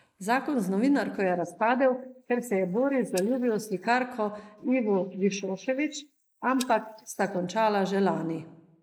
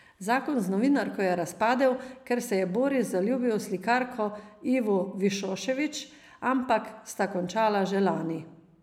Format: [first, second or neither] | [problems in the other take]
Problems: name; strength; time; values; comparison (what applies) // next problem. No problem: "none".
second | noise reduction (neural mask model Resemble Enhance denoiser)